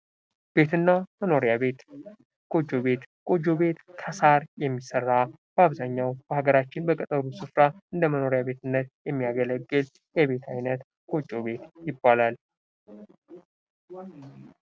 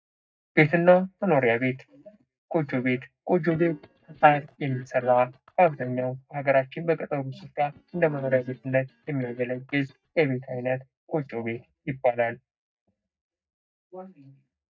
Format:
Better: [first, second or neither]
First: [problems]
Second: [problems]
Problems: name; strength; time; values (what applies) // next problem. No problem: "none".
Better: first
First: none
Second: noise reduction (neural mask model DeepFilterNet 3)